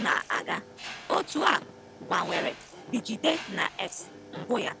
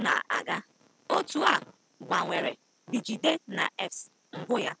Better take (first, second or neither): second